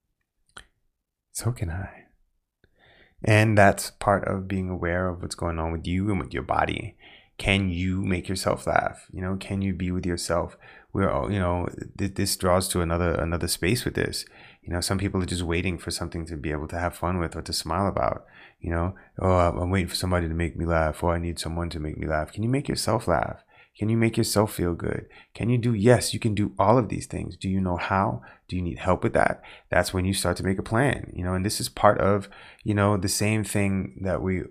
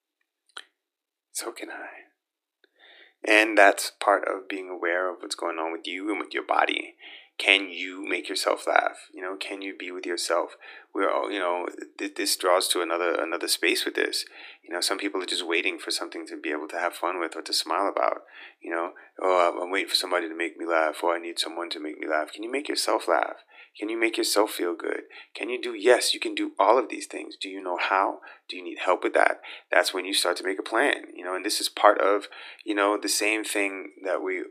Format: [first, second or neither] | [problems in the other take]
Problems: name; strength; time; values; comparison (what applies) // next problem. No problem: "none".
first | thin; very; fading below 300 Hz